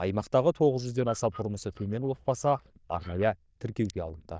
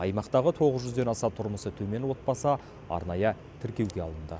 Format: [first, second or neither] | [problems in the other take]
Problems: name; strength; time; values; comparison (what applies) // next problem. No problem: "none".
second | noise reduction (neural diffusion model UNIVERSE++)